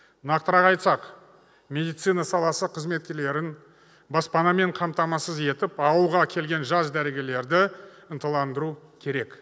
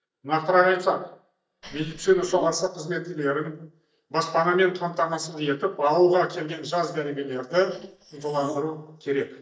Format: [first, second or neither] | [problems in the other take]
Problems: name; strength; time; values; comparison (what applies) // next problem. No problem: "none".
first | noise reduction (neural mask model DeepFilterNet 3)